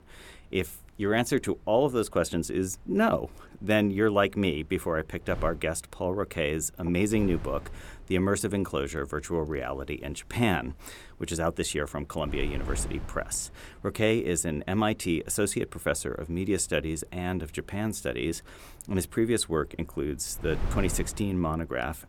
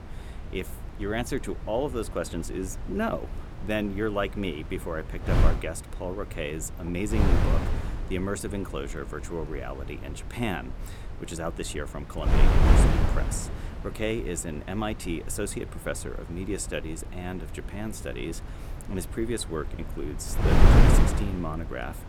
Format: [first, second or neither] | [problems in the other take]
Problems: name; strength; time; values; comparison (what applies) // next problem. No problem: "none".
first | wind noise on the microphone; heavy; 1 dB below the speech; occasional gusts in the first